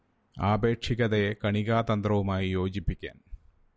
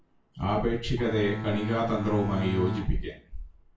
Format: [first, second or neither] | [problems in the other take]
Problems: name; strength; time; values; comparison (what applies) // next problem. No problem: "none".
first | background sound (Bowed string instrument); 5 dB below the speech // room echo; dies away in 0.3 s